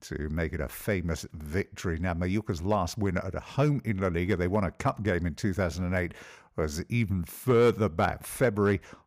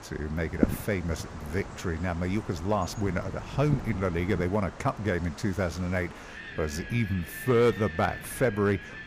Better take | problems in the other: first | wind in the background; loud; throughout; 9 dB below the speech

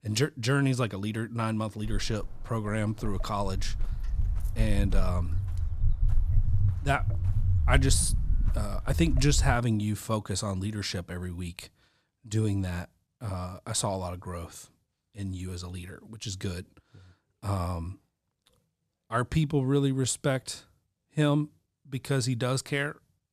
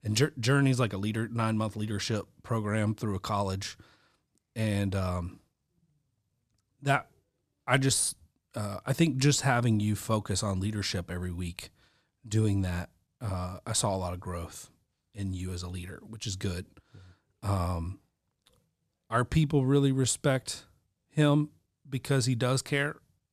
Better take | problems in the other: second | footsteps; loud; from 2 to 9.5 s; peak 3 dB above the speech

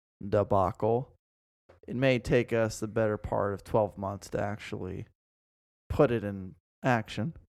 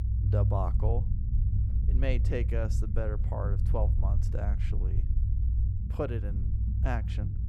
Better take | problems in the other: first | low rumble; loud; throughout; 8 dB below the speech

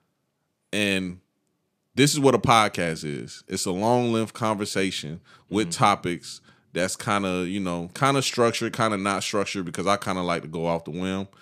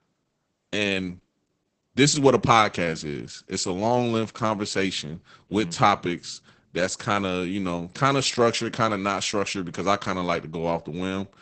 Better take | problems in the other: first | garbled, watery; badly; nothing above 8 kHz

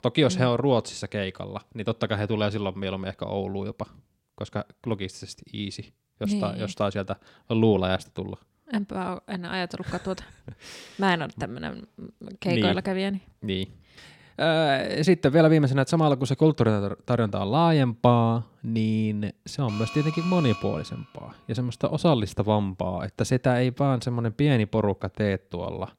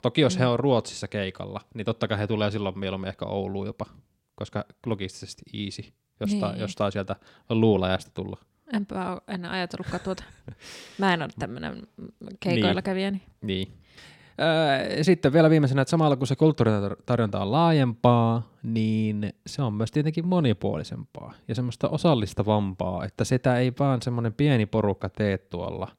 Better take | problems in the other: second | alarm; noticeable; from 20 to 21 s; peak 9 dB below the speech

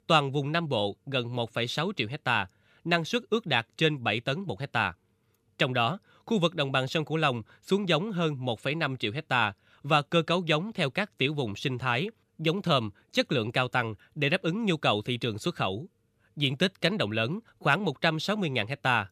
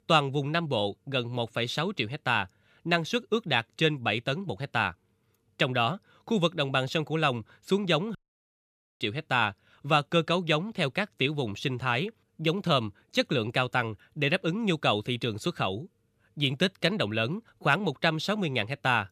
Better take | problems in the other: first | audio cutting out; at 8 s for 1 s

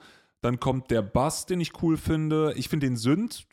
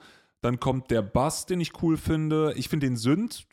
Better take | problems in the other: neither | none

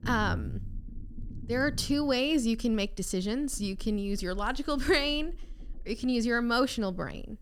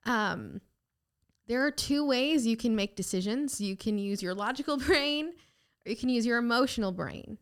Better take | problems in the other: second | low rumble; faint; throughout; 25 dB below the speech

